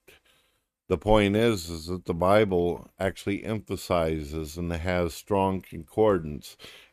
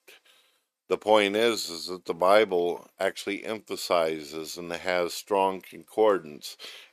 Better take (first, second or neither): first